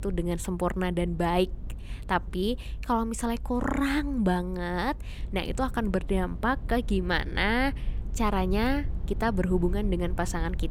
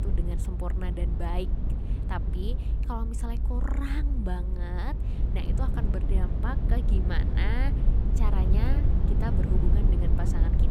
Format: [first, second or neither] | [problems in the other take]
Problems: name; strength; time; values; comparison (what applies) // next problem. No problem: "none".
first | low rumble; loud; throughout; 3 dB below the speech; faint in the first